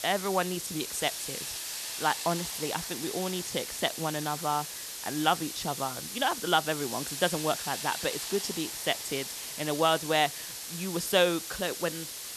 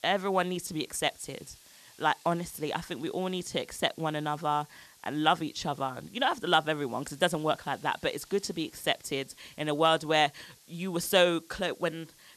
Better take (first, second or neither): second